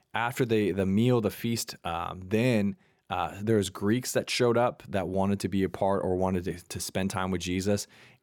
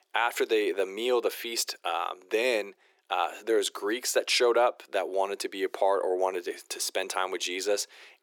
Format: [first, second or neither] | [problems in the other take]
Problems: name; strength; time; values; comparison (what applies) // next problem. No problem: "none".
first | thin; very; fading below 350 Hz